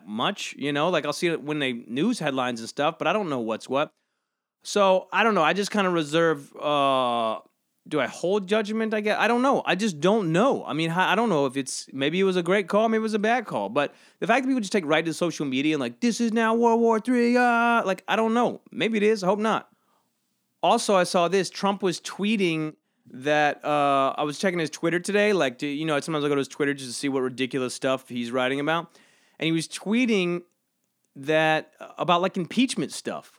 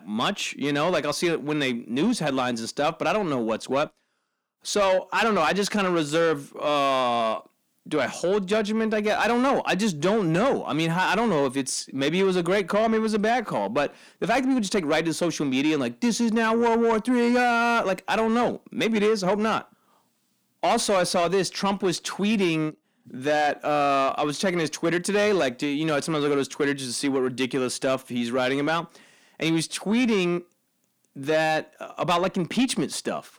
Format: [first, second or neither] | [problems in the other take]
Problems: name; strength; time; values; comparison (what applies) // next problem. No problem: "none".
first | distortion; slight; 10 dB below the speech